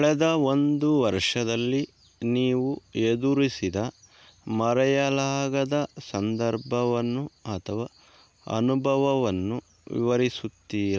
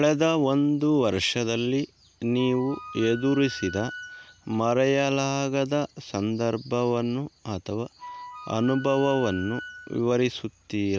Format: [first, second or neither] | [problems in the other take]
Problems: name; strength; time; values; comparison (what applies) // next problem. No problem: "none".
first | background sound (Wind instrument, woodwind instrument); 15 dB below the speech